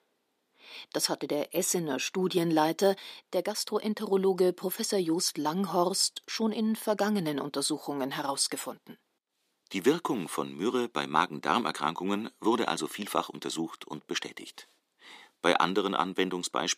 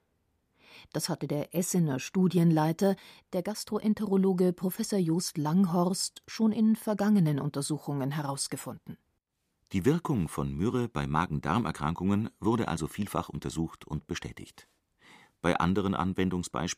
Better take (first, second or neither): second